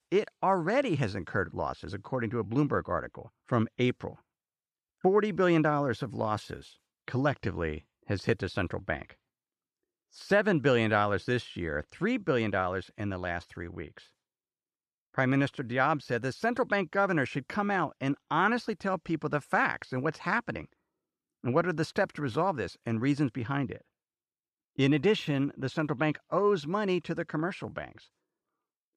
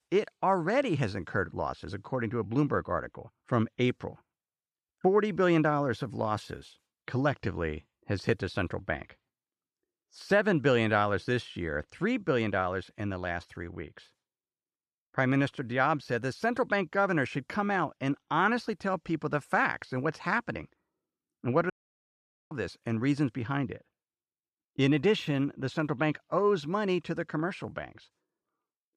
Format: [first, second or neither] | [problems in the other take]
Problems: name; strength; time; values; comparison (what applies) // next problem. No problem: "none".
first | audio cutting out; at 22 s for 1 s